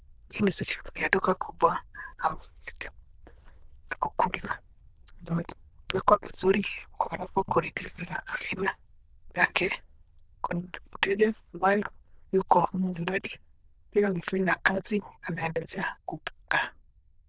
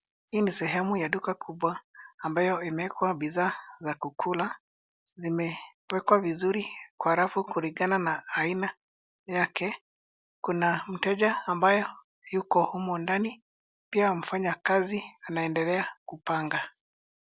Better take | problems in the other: second | noise reduction (neural diffusion model UNIVERSE++)

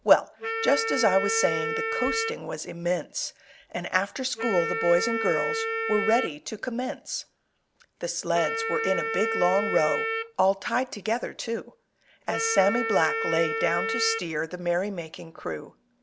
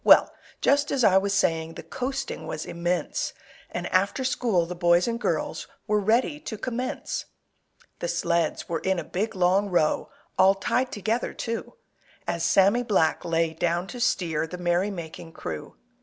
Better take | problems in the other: second | background sound (Wind instrument, woodwind instrument); 4 dB below the speech

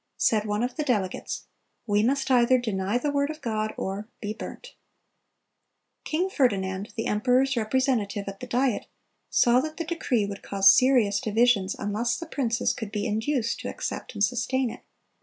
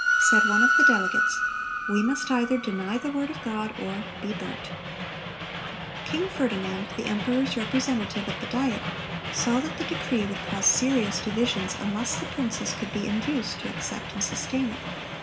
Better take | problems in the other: first | background sound (Train); 1 dB below the speech // room echo; dies away in 2.1 s

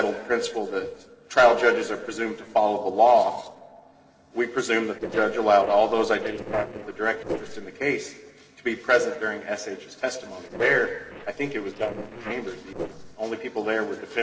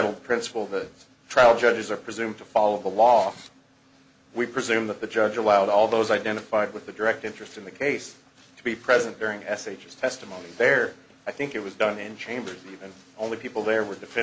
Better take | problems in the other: second | noise reduction (neural separator model SepFormer DNS4)

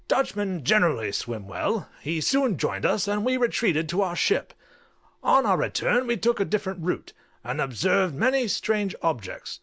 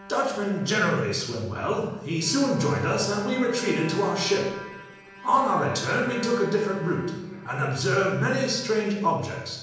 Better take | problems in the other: first | background sound (Bowed string instrument); 15 dB below the speech // room echo; dies away in 1 s

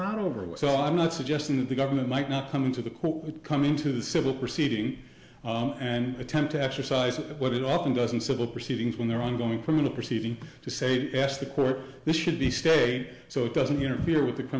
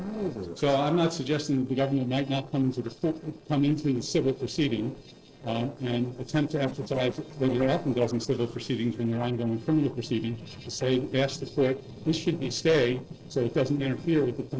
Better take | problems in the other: first | noise reduction (neural separator model SepFormer DNS4)

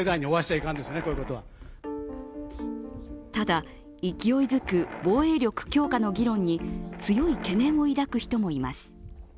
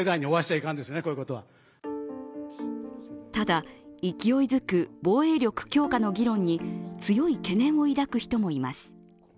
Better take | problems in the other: second | background sound (Walk, footsteps + Wild animals); 14 dB below the speech

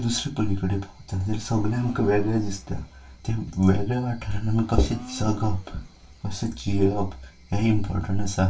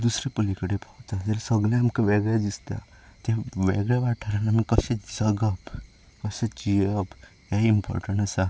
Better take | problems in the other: second | background sound (Domestic sounds, home sounds); 20 dB below the speech // room echo; dies away in 0.2 s

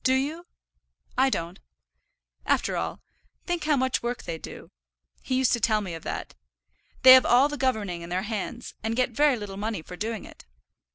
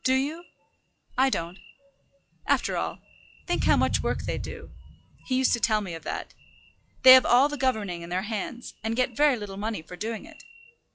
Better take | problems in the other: first | noise reduction (classical method log-MMSE)

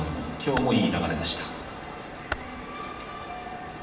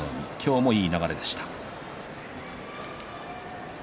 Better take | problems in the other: second | background sound (Computer keyboard); 11 dB below the speech // room echo; dies away in 1 s

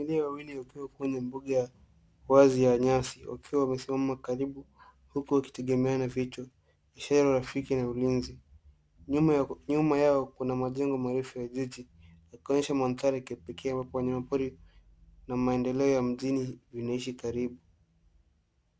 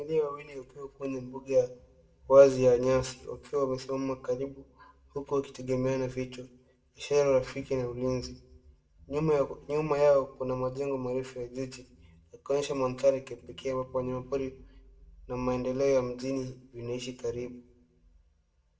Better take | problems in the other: first | room echo; dies away in 0.5 s

